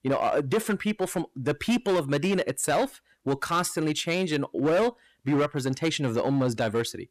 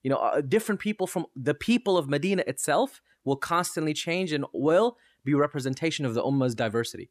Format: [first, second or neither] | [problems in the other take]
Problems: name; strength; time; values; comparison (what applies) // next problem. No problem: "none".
second | distortion; slight; 10% of the sound clipped